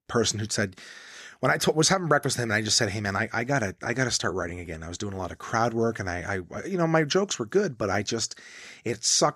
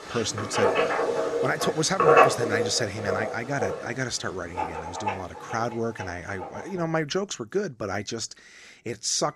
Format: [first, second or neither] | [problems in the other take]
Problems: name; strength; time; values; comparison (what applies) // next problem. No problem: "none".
first | household noises; very loud; throughout; 4 dB above the speech